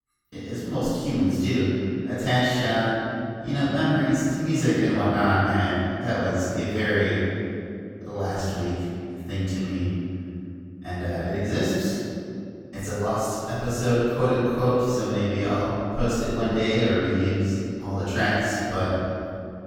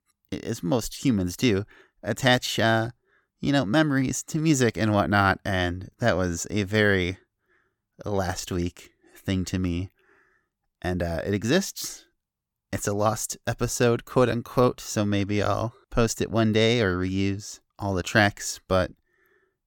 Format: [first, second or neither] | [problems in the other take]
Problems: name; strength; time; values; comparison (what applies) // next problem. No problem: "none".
second | room echo; strong; dies away in 2.5 s // off-mic speech; far